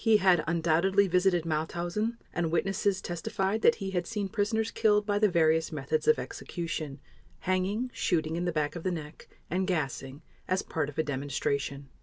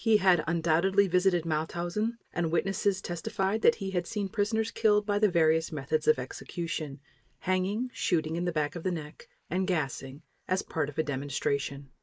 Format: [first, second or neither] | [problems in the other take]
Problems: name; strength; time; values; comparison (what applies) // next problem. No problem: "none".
first | noise reduction (neural mask model Resemble Enhance denoiser)